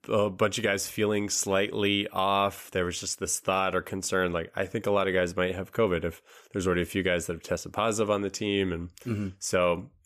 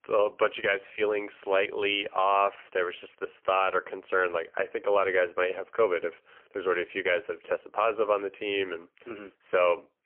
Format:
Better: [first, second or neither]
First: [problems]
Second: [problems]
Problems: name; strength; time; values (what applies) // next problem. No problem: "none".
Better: first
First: none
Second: phone-call audio; poor line; nothing above 3 kHz